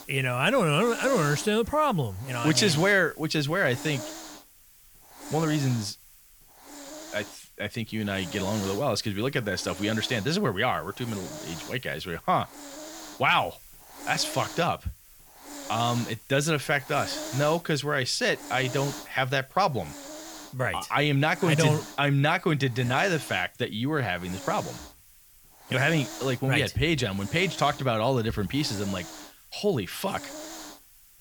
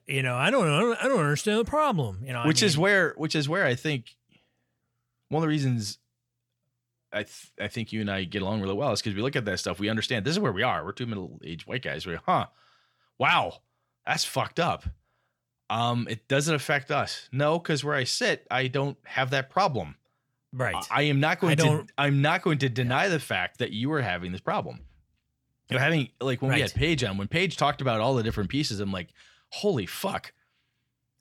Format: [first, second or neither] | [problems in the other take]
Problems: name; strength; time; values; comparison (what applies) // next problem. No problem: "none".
second | hiss; noticeable; throughout; 15 dB below the speech